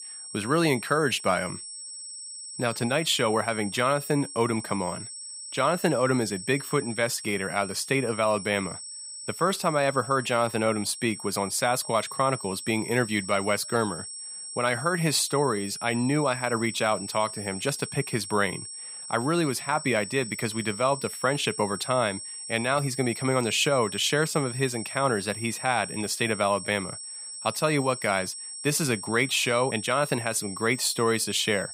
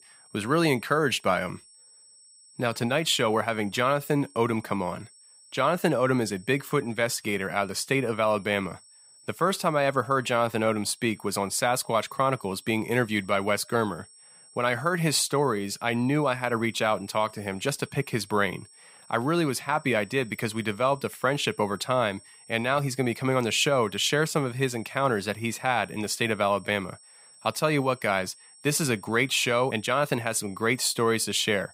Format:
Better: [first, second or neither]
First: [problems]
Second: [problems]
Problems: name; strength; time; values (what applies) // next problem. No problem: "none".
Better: second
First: high-pitched whine; loud; throughout; 8 kHz, 10 dB below the speech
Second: high-pitched whine; faint; throughout; 8 kHz, 25 dB below the speech